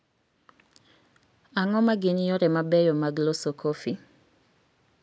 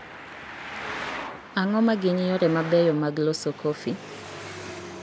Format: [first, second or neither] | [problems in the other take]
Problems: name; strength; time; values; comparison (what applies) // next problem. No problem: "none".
first | background sound (Traffic noise, roadway noise); 12 dB below the speech